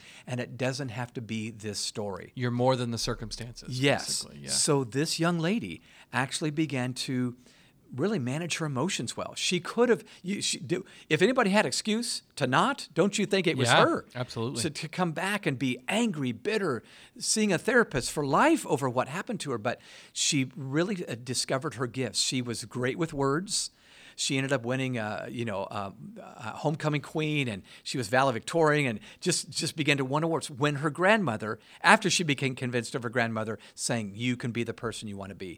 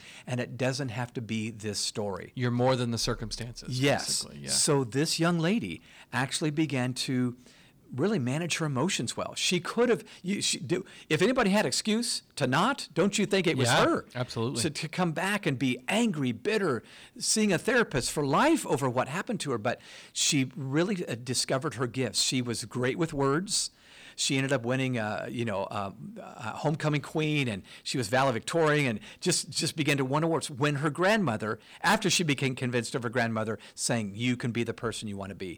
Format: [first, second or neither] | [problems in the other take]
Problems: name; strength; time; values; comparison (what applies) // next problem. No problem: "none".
first | distortion; slight; 10 dB below the speech